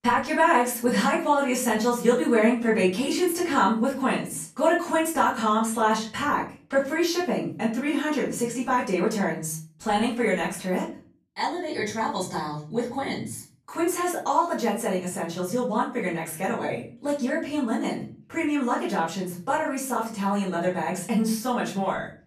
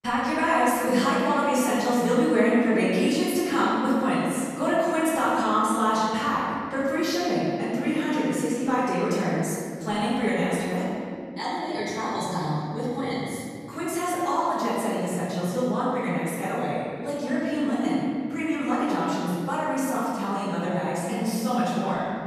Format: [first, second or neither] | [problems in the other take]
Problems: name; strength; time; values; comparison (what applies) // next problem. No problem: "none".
first | room echo; strong; dies away in 2.5 s; slight in the first // off-mic speech; far; far in the first